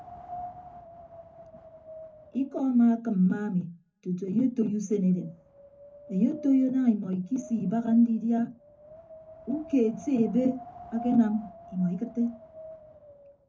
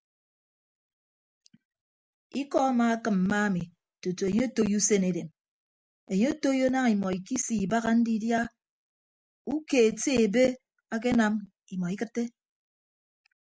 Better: second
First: background sound (Wind); 19 dB below the speech // room echo; dies away in 0.3 s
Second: none

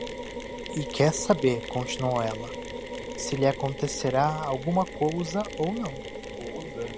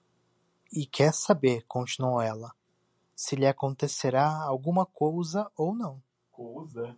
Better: second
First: background sound (Mechanisms); 8 dB below the speech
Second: none

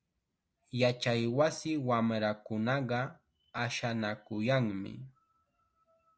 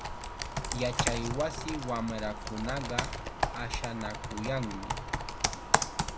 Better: first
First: none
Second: background sound (Computer keyboard); 3 dB above the speech

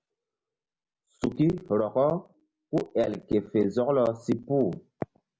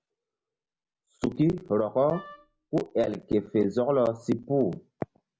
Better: first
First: none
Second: background sound (Wind instrument, woodwind instrument); 19 dB below the speech

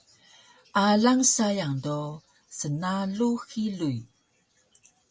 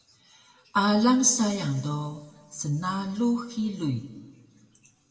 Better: first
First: none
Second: room echo; dies away in 1.3 s

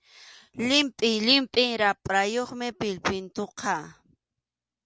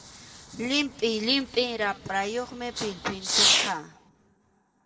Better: first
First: none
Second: background sound (Fireworks); 1 dB below the speech // room echo; dies away in 2.4 s

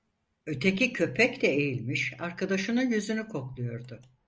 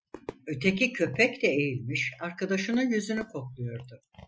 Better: first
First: none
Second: noise reduction (classical method Wiener filter)

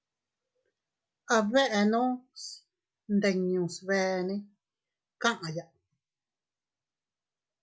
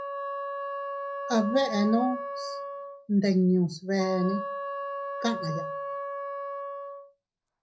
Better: first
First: none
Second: background sound (Wind instrument, woodwind instrument); 6 dB below the speech // room echo; dies away in 0.5 s

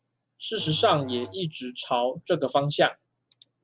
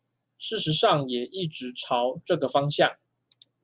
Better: second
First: background sound (Musical instrument); 19 dB below the speech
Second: none

